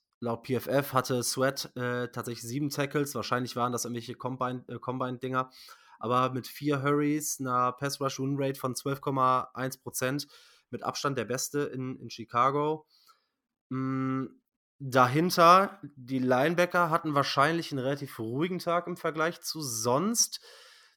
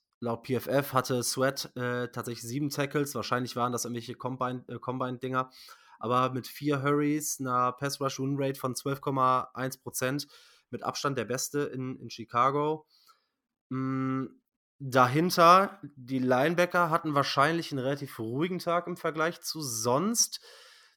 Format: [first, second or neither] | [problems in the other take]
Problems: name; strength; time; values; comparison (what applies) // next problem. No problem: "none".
neither | none